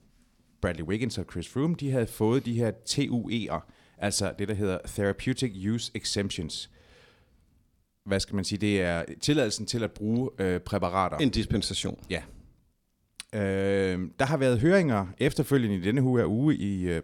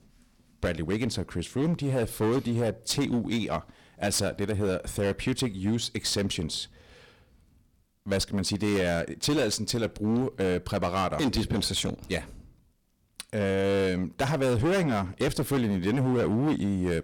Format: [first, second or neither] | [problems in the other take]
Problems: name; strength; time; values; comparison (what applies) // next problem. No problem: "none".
first | distortion; heavy; 15% of the sound clipped